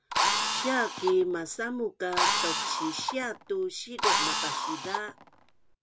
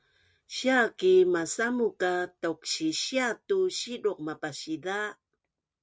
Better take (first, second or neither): second